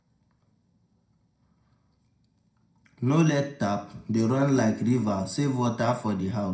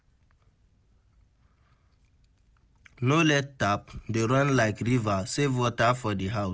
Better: second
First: room echo; dies away in 0.4 s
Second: none

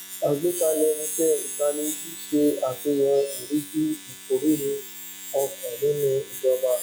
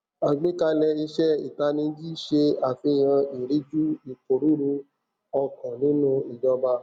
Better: second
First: noise reduction (classical method log-MMSE)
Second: none

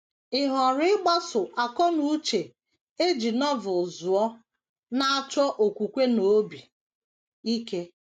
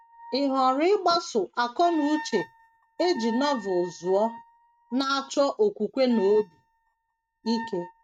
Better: first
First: none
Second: noise reduction (neural mask model RNNoise)

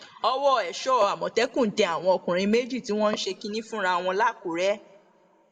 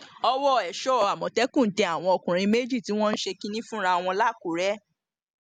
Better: second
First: room echo; dies away in 0.3 s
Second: none

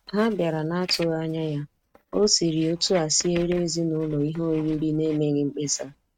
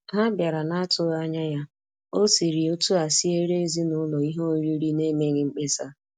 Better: second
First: noise reduction (neural mask model RNNoise)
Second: none

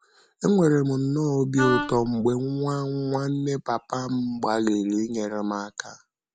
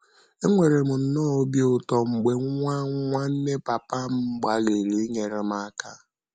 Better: second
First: background sound (Wind instrument, woodwind instrument); 5 dB below the speech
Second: none

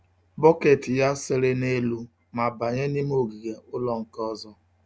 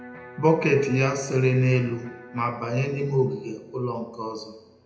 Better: first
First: none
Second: background sound (Electric guitar); 20 dB below the speech // room echo; dies away in 0.7 s

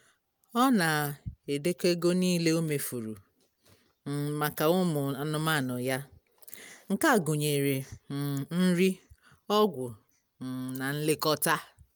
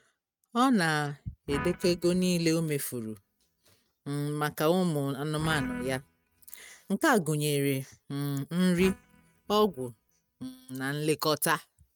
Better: first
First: none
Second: noise reduction (neural mask model RNNoise)

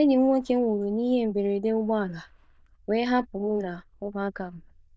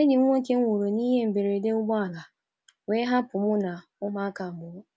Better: second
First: noise reduction (neural diffusion model UNIVERSE++)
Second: none

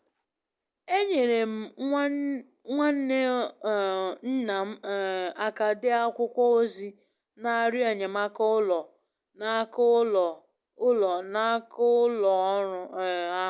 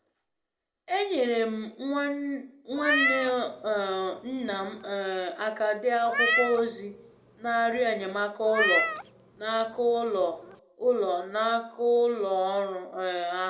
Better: first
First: none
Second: background sound (Meow); 3 dB below the speech // room echo; dies away in 0.4 s

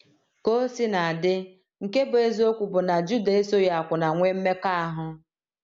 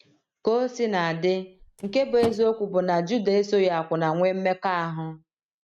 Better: first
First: none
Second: noise reduction (neural mask model RNNoise)

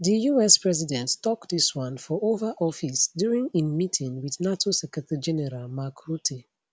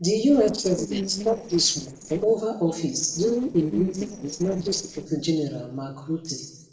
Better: first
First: none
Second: noise reduction (neural separator model SepFormer DNS4)

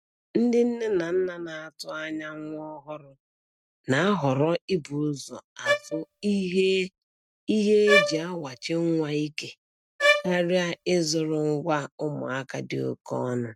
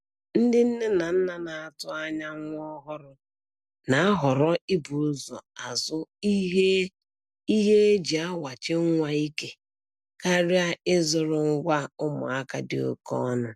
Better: second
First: noise reduction (neural mask model RNNoise)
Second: none

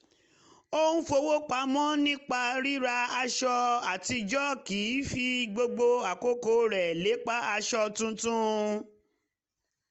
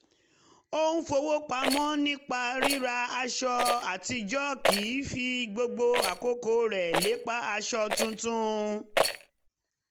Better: first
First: none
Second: background sound (Rattle); 4 dB below the speech

